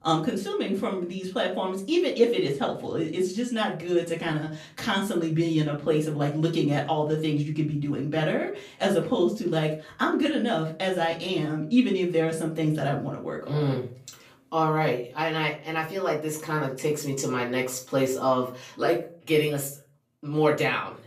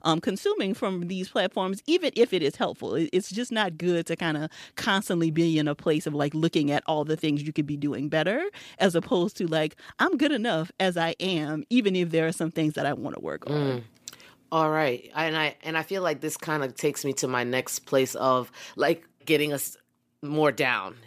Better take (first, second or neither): second